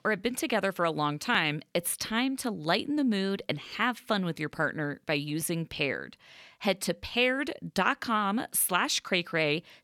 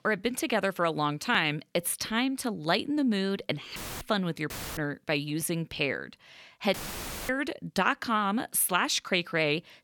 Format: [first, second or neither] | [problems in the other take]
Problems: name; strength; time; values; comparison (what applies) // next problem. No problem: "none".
first | audio cutting out; filled with static; at 4 s, at 4.5 s and at 6.5 s for 0.5 s